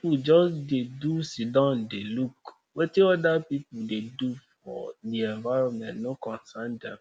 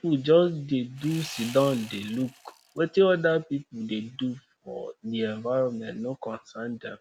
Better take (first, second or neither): first